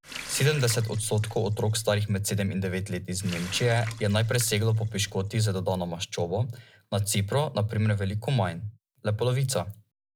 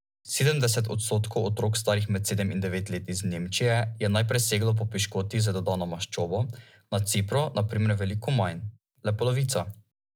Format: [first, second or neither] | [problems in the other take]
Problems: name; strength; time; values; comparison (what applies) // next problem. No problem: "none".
second | background sound (Water tap, faucet); 16 dB below the speech